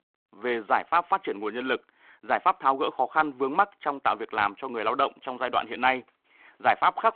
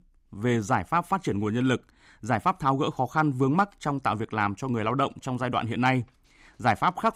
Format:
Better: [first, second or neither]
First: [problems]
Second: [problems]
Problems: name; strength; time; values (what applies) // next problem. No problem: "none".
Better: second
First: phone-call audio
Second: none